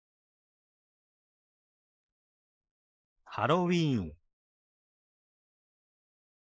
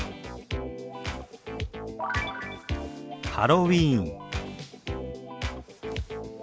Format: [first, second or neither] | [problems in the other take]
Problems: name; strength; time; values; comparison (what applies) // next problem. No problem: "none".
second | noise reduction (neural mask model Resemble Enhance denoiser)